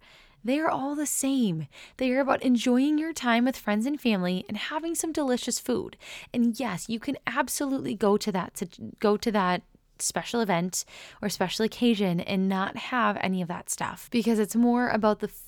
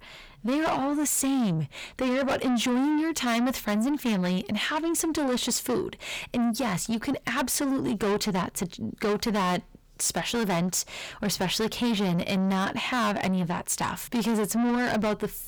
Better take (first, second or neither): first